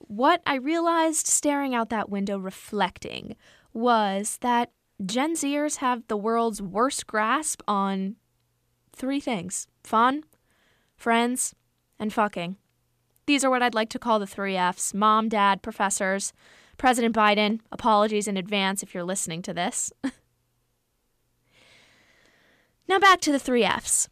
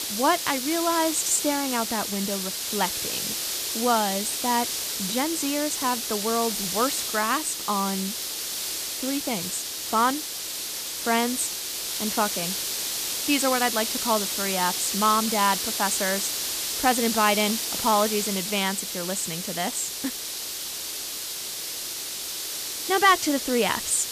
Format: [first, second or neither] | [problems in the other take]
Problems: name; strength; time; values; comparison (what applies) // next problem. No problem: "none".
first | hiss; loud; throughout; 2 dB below the speech